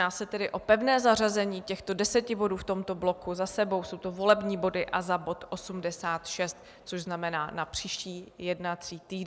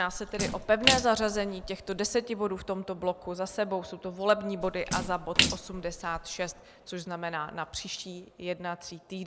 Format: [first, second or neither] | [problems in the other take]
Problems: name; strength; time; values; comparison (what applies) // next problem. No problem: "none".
first | background sound (Splash, splatter); 4 dB below the speech